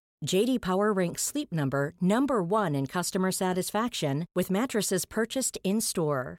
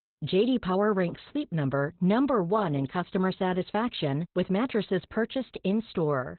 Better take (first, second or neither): first